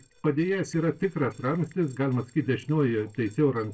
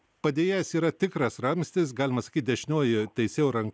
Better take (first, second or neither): second